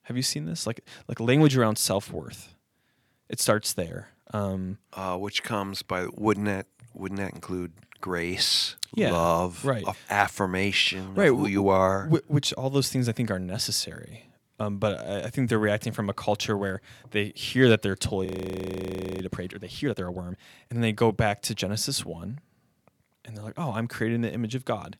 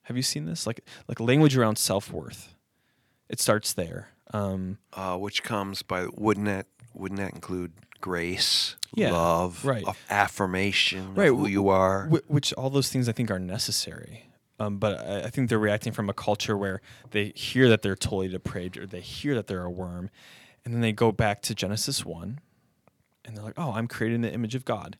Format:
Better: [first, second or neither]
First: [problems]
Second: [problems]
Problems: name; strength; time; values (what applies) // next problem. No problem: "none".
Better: second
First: audio freezing; at 18 s for 1 s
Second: none